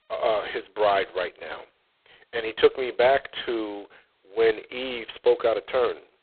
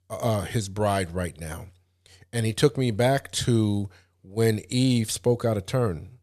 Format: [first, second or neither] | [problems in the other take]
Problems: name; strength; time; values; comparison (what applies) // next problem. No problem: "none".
second | phone-call audio; poor line; nothing above 3.5 kHz